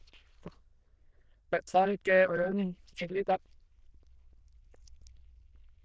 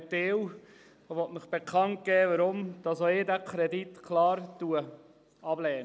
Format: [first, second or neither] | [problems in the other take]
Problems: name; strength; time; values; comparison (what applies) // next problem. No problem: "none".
second | noise reduction (neural diffusion model UNIVERSE++)